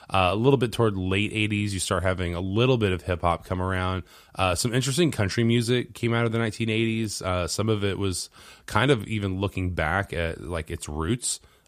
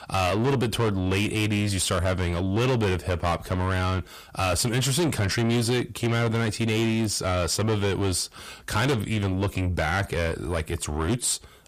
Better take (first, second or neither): first